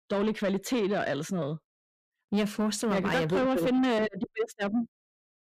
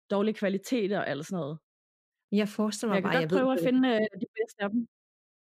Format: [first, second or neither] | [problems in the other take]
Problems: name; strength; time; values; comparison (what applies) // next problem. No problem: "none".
second | distortion; slight; 10 dB below the speech